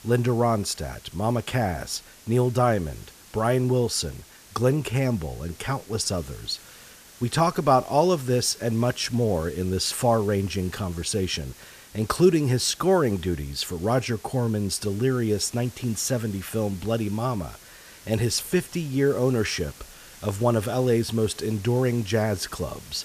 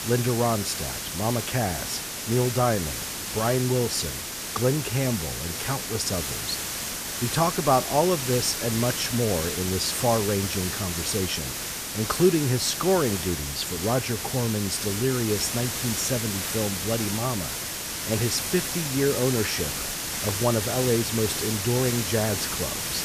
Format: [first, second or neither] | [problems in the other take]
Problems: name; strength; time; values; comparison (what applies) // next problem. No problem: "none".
first | hiss; loud; throughout; 2 dB below the speech; faint in the first